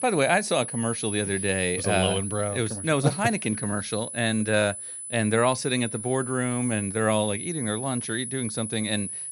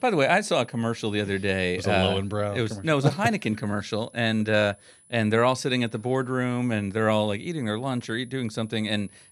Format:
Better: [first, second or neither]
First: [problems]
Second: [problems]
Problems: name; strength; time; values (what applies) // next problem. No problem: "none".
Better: second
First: high-pitched whine; loud; throughout; 10 kHz, 6 dB below the speech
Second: high-pitched whine; faint; throughout; 10 kHz, 25 dB below the speech